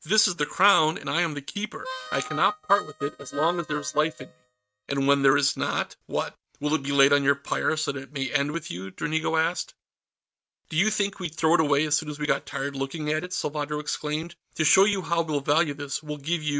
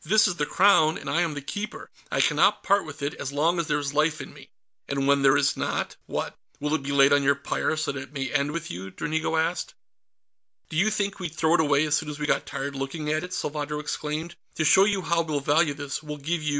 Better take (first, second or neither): second